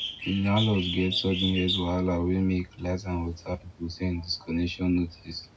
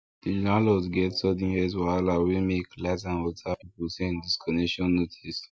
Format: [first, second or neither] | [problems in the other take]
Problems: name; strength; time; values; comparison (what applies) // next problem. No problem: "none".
second | background sound (Bird); 10 dB below the speech // room echo; dies away in 0.4 s